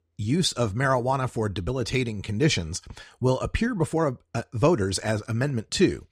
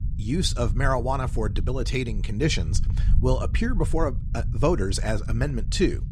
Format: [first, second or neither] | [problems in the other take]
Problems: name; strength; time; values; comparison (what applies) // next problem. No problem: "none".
first | low rumble; noticeable; throughout; 15 dB below the speech